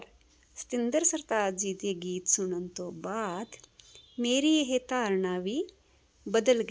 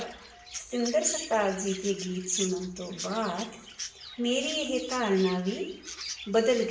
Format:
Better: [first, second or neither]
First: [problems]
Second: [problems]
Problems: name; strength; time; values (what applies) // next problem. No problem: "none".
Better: first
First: none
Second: background sound (Chirp, tweet); 12 dB below the speech // room echo; dies away in 0.7 s